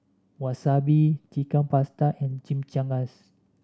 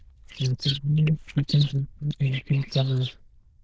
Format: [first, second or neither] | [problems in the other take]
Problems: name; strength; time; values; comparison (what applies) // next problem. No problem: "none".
first | noise reduction (neural diffusion model UNIVERSE++)